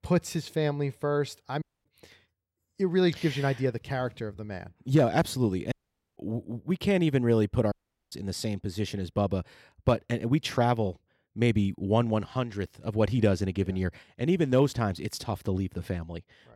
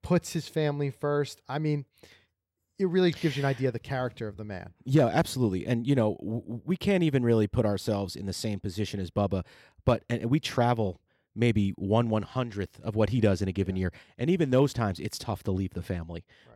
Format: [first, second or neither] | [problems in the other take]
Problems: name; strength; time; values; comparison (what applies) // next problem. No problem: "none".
second | audio cutting out; at 1.5 s, at 5.5 s and at 7.5 s